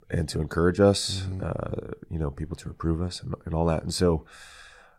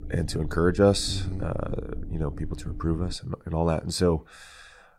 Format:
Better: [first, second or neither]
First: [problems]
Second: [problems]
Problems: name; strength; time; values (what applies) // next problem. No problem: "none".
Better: first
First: none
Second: low rumble; faint; until 3 s; 20 dB below the speech